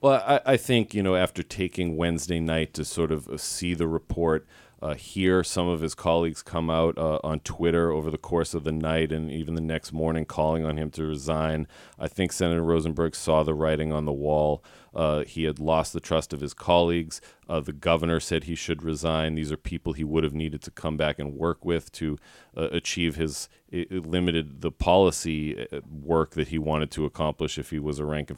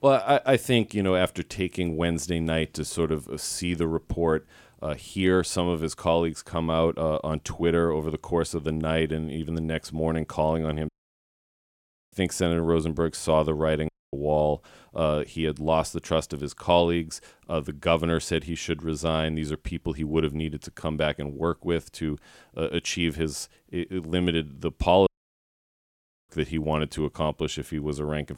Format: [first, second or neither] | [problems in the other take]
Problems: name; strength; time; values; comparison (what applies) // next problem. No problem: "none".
first | audio cutting out; at 11 s for 1 s, at 14 s and at 25 s for 1 s